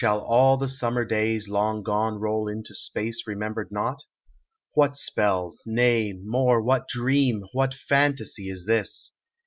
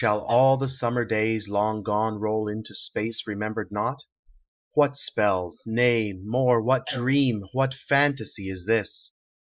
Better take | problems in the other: first | noise reduction (neural mask model Resemble Enhance denoiser)

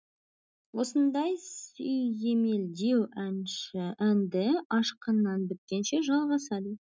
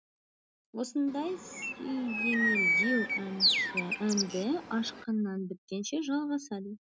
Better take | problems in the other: first | background sound (Bird); 2 dB above the speech

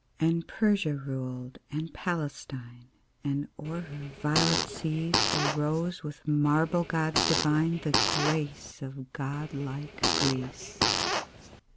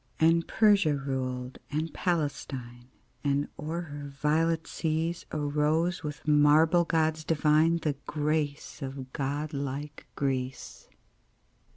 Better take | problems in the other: second | background sound (Fart); 1 dB below the speech

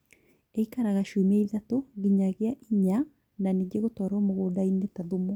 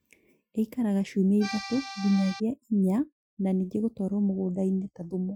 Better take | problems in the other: first | noise reduction (classical method Wiener filter)

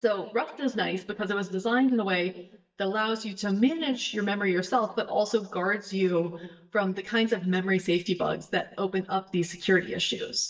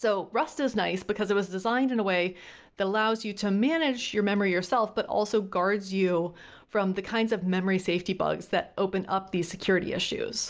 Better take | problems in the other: second | noise reduction (neural mask model DeepFilterNet 3)

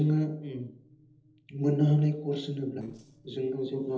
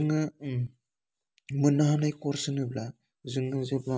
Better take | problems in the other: second | noise reduction (neural separator model SepFormer DNS4)

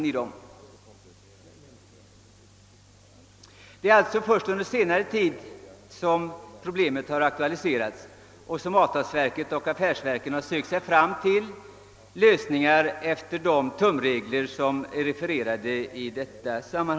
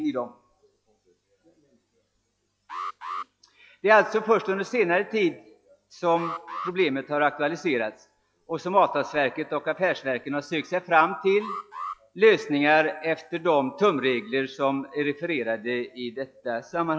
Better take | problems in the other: first | noise reduction (classical method log-MMSE)

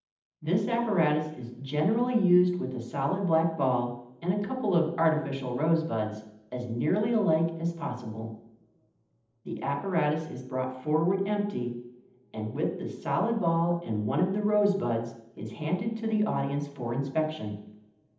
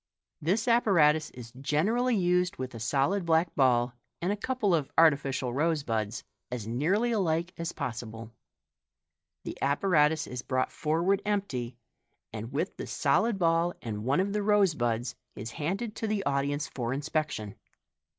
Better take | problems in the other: second | room echo; dies away in 0.8 s

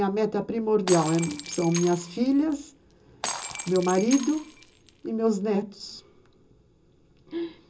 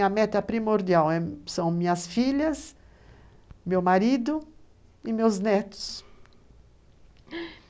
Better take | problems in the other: second | background sound (Shatter); 10 dB below the speech // room echo; dies away in 0.2 s

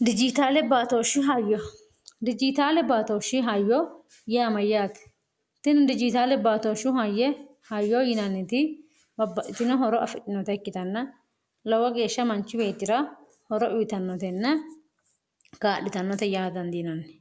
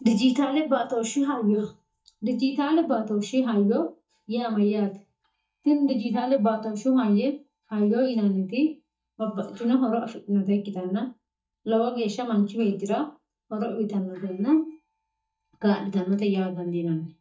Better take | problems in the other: first | noise reduction (neural mask model DeepFilterNet 3)

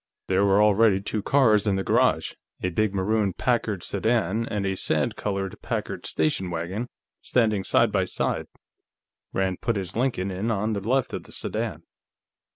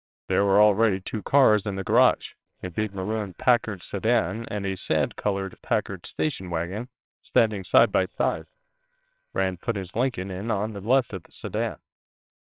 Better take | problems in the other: first | noise reduction (neural separator model SepFormer WHAMR!)

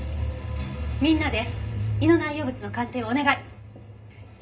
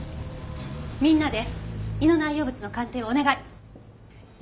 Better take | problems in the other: second | room echo; dies away in 0.2 s

